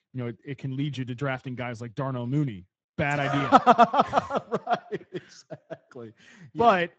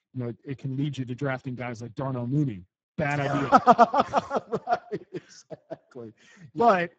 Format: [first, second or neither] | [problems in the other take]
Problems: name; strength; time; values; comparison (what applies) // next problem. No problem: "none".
first | garbled, watery; badly; nothing above 7.5 kHz; slightly in the first